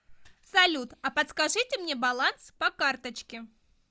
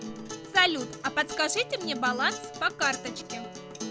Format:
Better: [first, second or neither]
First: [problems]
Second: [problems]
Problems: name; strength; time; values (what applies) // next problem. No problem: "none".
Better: first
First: none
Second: background sound (Acoustic guitar); 9 dB below the speech